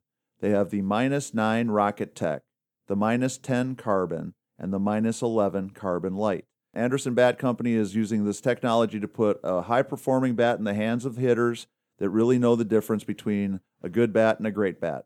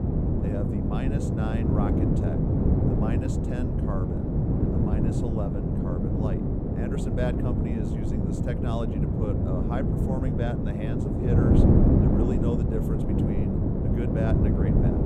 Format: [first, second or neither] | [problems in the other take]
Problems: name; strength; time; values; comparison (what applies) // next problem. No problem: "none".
first | wind noise on the microphone; heavy; 5 dB above the speech